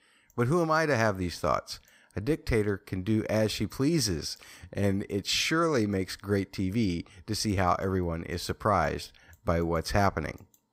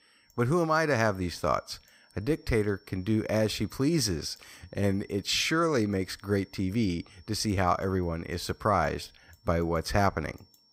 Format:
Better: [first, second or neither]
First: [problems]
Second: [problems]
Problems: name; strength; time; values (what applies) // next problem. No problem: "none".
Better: first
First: none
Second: high-pitched whine; faint; throughout; 5.5 kHz, 30 dB below the speech